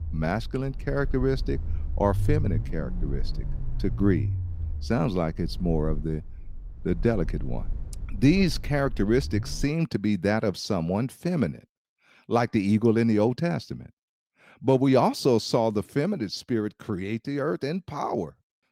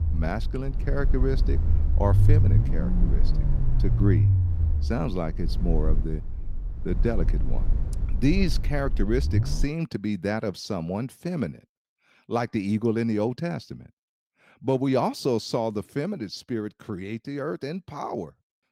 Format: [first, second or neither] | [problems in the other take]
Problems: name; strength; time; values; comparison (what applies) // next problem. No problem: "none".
first | low rumble; loud; until 9.5 s; 10 dB below the speech; faint in the first